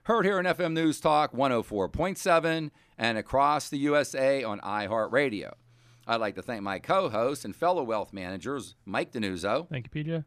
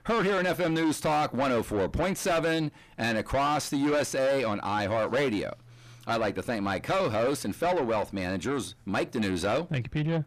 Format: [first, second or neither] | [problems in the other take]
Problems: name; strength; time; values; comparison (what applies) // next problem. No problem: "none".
first | distortion; heavy; 6 dB below the speech